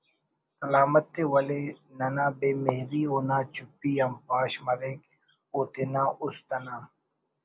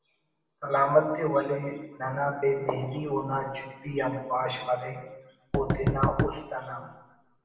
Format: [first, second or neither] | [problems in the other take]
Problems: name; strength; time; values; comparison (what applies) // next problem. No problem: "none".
first | background sound (Knock); 1 dB below the speech // room echo; dies away in 1 s